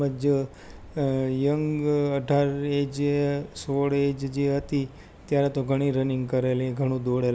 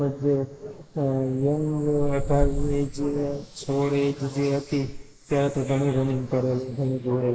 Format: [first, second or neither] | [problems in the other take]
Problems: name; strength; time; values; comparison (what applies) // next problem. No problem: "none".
first | noise reduction (neural mask model Resemble Enhance denoiser)